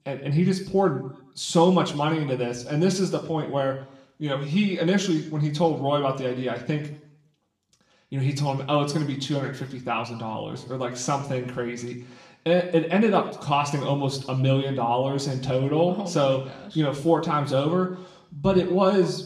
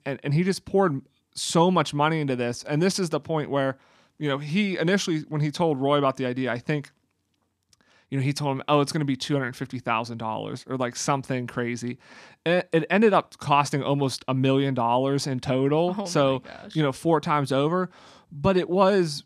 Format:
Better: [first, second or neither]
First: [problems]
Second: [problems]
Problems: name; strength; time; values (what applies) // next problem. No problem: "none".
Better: second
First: room echo; slight; dies away in 0.6 s // off-mic speech; somewhat distant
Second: none